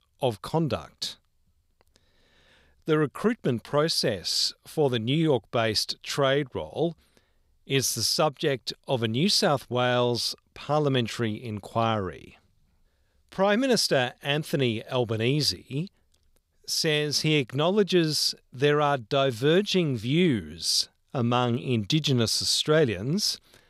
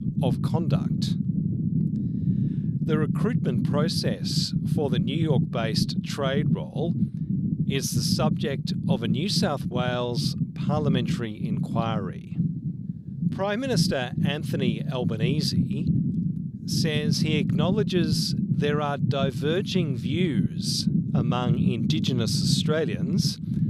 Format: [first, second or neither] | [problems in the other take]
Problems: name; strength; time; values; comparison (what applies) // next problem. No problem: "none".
first | low rumble; loud; throughout; 5 dB below the speech